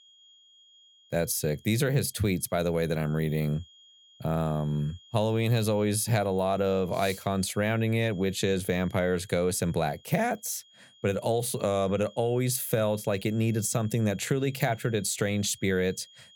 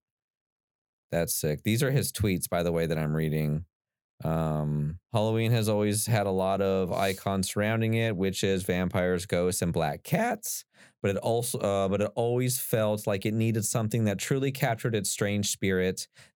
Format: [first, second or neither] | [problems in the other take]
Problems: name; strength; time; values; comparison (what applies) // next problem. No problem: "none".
second | high-pitched whine; faint; throughout; 3.5 kHz, 25 dB below the speech